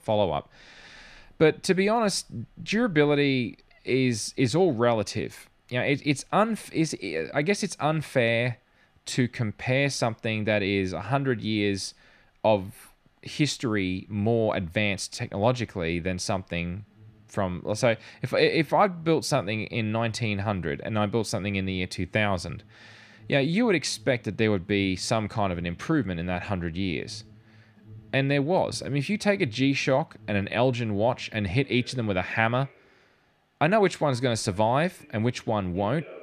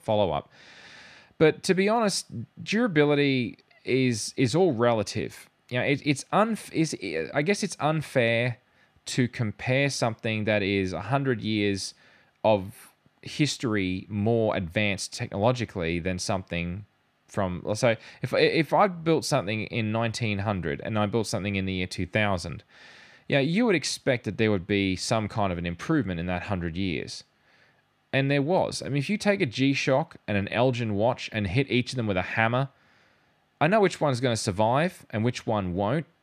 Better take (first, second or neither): second